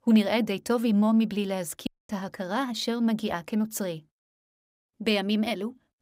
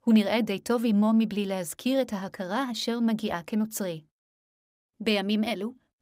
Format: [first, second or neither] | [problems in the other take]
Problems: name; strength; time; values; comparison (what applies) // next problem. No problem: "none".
second | audio cutting out; at 2 s